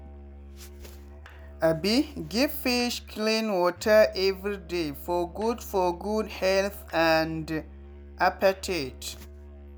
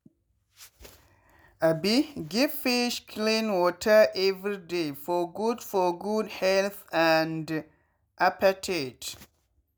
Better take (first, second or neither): second